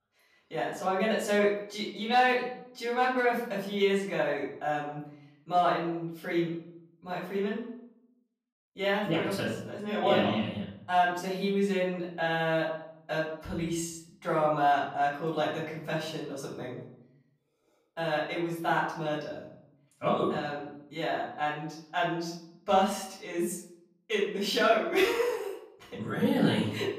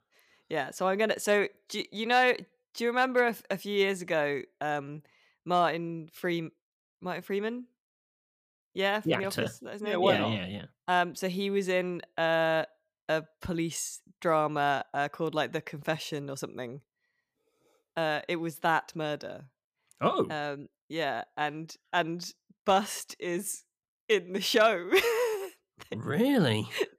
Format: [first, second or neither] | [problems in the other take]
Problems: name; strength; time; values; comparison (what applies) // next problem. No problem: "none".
second | off-mic speech; far // room echo; noticeable; dies away in 0.6 s